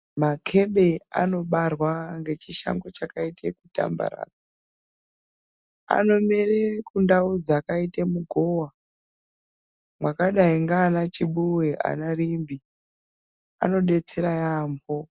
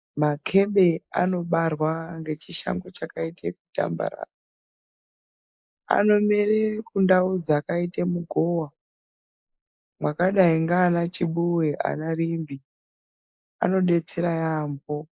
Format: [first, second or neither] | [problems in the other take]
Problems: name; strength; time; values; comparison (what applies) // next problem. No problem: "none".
first | noise reduction (neural mask model Resemble Enhance denoiser)